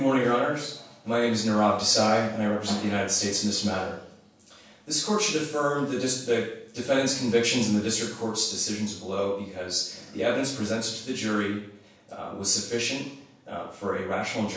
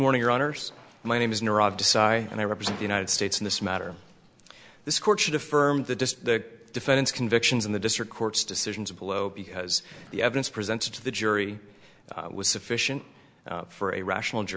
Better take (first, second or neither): second